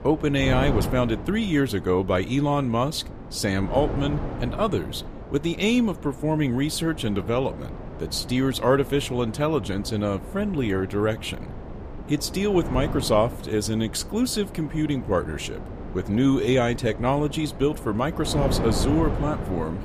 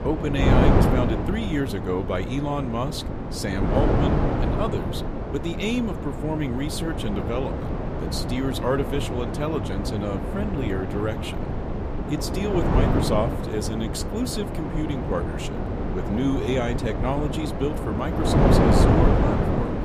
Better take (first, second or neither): first